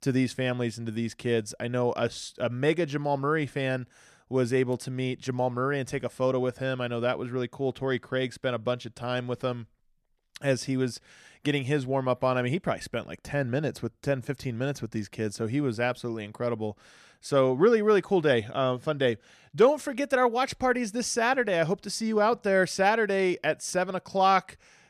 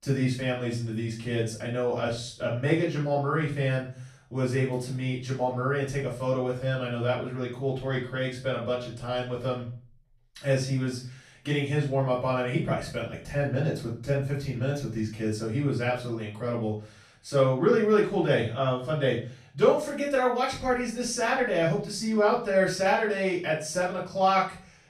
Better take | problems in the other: first | room echo; noticeable; dies away in 0.4 s // off-mic speech; far

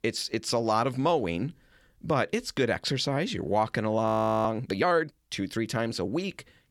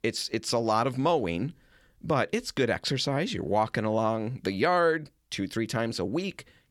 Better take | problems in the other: second | audio freezing; at 4 s

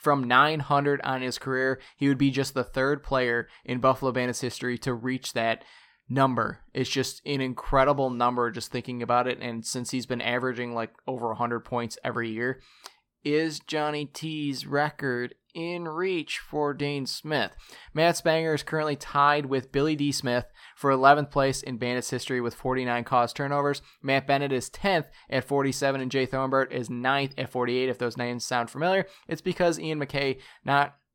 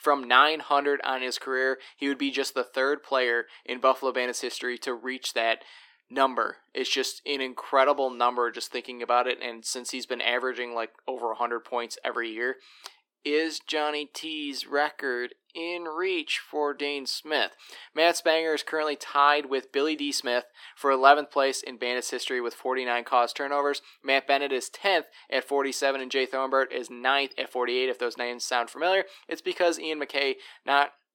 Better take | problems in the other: first | thin; somewhat; fading below 300 Hz

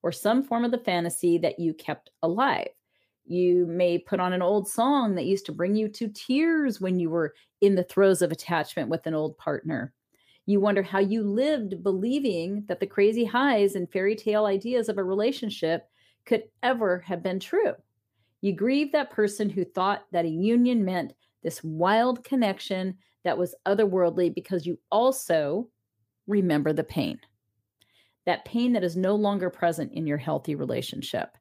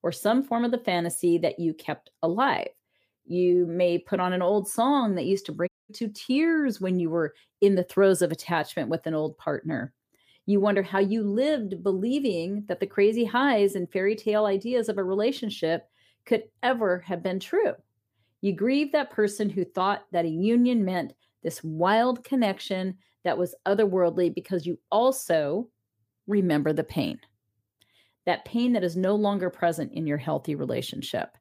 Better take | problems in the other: first | audio cutting out; at 5.5 s

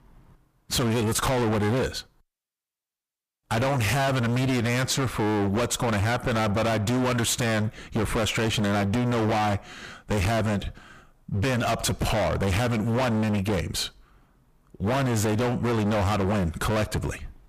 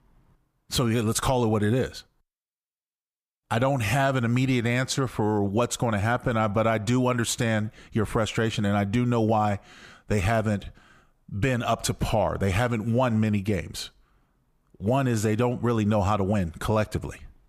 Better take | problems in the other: second | distortion; heavy; 33% of the sound clipped

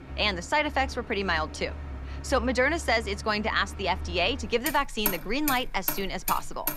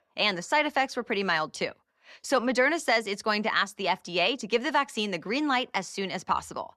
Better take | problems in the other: second | traffic noise; loud; throughout; 8 dB below the speech

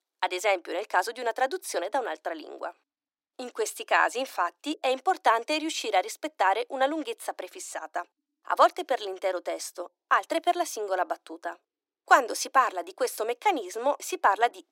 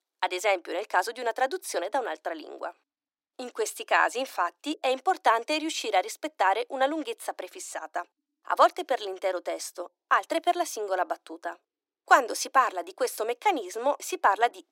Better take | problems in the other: neither | thin; very; fading below 300 Hz; the same in both

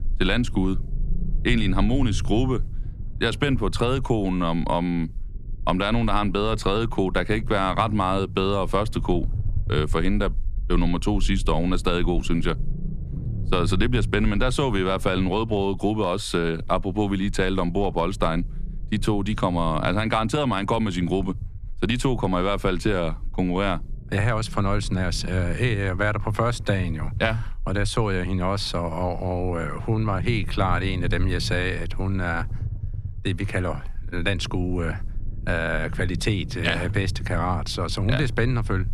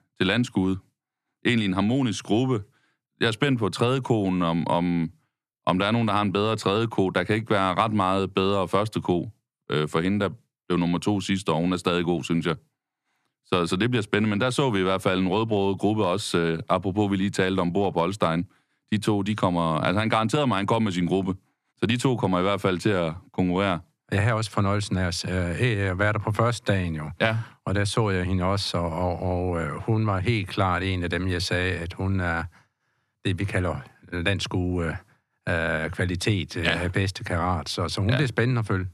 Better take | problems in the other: second | low rumble; faint; throughout; 20 dB below the speech

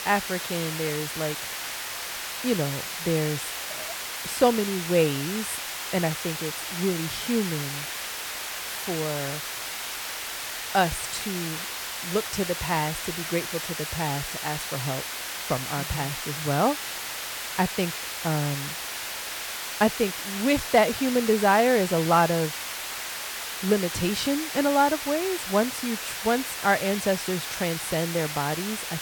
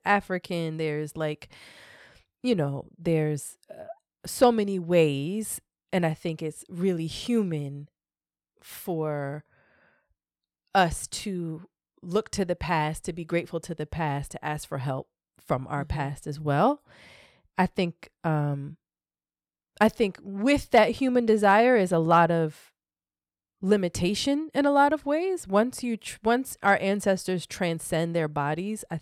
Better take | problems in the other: second | hiss; loud; throughout; 4 dB below the speech

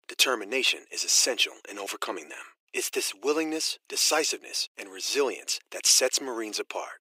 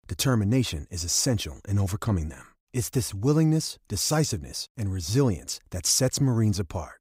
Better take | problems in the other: second | thin; very; fading below 350 Hz

